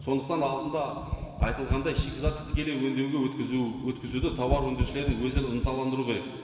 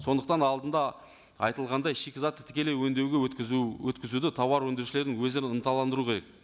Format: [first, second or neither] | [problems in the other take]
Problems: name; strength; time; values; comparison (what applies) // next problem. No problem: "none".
second | background sound (Tap); 2 dB below the speech // room echo; dies away in 2.5 s